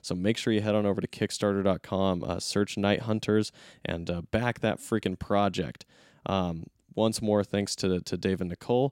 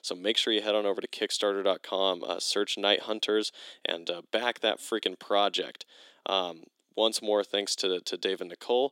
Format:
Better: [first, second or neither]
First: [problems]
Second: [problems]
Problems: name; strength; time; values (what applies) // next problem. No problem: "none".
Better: first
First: none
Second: thin; somewhat; fading below 350 Hz